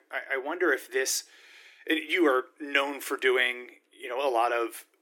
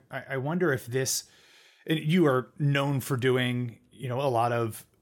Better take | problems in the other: second | thin; very; fading below 300 Hz

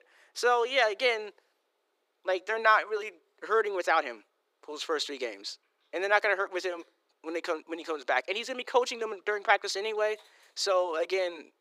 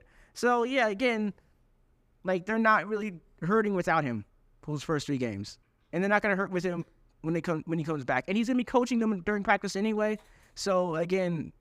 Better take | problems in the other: second | thin; very; fading below 350 Hz

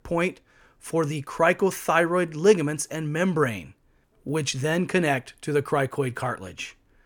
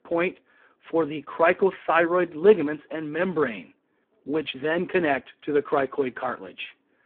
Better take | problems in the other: first | phone-call audio; poor line

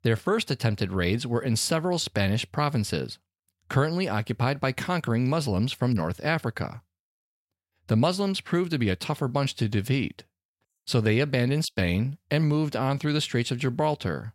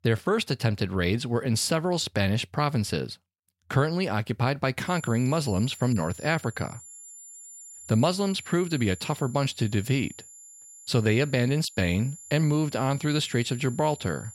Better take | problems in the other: first | high-pitched whine; noticeable; from 5 s on; 7 kHz, 15 dB below the speech

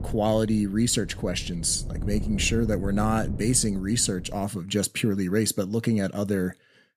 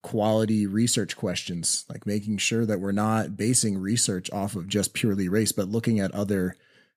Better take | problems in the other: second | wind noise on the microphone; occasional gusts; until 4.5 s; 20 dB below the speech

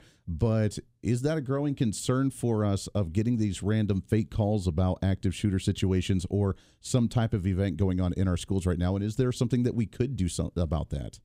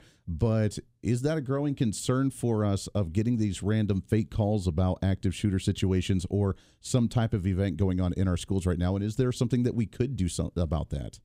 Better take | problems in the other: neither | none

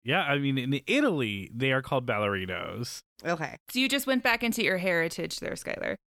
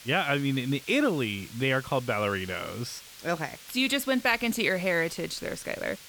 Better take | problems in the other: first | hiss; noticeable; throughout; 15 dB below the speech

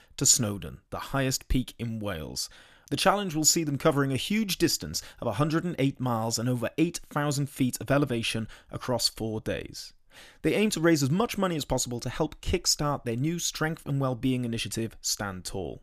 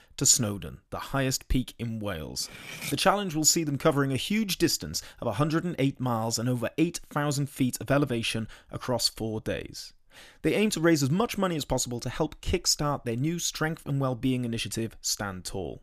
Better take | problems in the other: first | clattering dishes; noticeable; at 2.5 s; peak 8 dB below the speech

